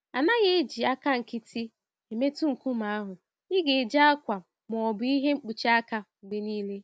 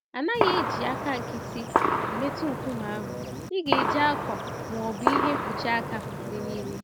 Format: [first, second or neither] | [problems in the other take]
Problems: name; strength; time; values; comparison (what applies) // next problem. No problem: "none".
first | background sound (Gunshot, gunfire); 2 dB above the speech